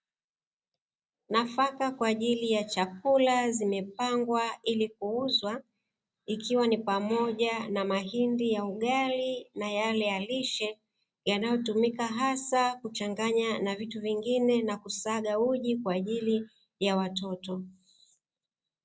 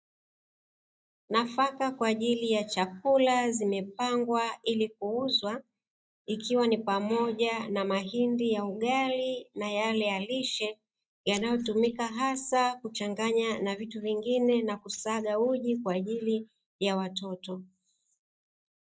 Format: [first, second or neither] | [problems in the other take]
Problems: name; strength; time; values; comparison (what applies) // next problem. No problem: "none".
first | noise reduction (neural mask model DeepFilterNet 3)